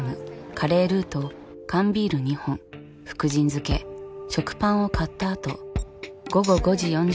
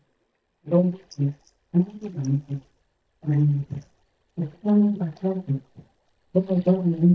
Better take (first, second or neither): first